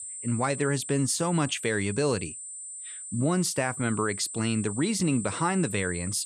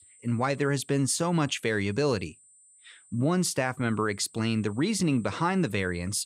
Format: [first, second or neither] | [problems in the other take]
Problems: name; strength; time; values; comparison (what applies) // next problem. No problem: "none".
second | high-pitched whine; loud; throughout; 8.5 kHz, 8 dB below the speech; faint in the second